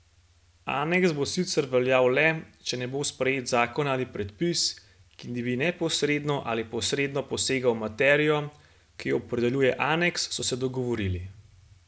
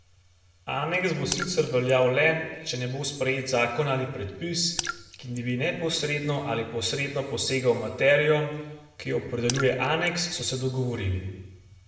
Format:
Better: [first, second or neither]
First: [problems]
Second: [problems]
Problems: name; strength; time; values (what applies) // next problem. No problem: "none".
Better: first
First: none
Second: background sound (Raindrop / Splash, splatter); 12 dB below the speech // room echo; dies away in 1.1 s